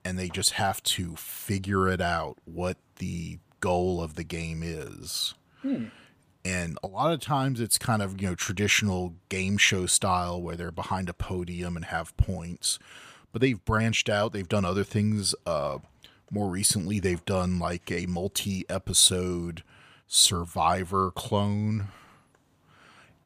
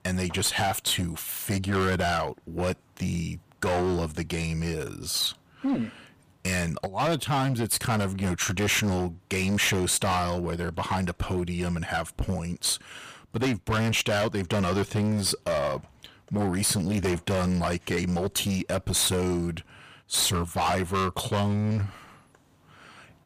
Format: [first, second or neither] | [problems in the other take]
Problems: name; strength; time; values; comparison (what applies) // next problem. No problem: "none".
first | distortion; heavy; 16% of the sound clipped